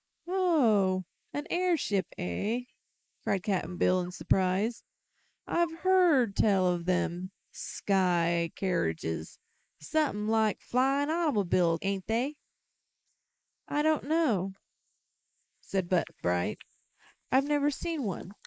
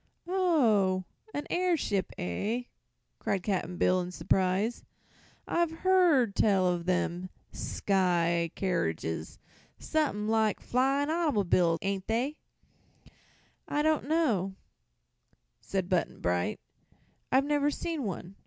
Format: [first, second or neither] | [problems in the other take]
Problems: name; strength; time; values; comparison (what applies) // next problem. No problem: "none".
second | noise reduction (neural mask model Resemble Enhance denoiser)